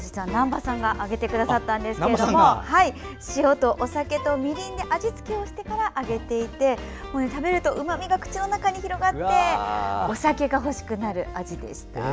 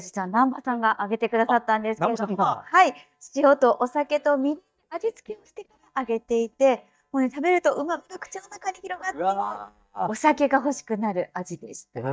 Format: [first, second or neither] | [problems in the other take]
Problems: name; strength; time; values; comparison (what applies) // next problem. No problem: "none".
first | noise reduction (neural mask model DeepFilterNet 3)